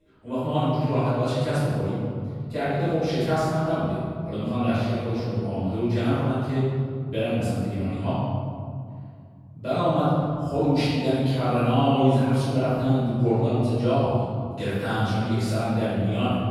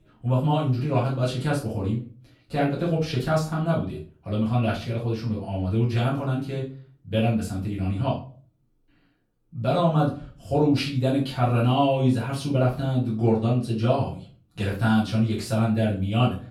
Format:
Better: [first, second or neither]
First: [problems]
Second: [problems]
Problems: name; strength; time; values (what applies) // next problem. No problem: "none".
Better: second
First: room echo; strong; dies away in 2.4 s // off-mic speech; far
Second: room echo; slight; dies away in 0.3 s // off-mic speech; far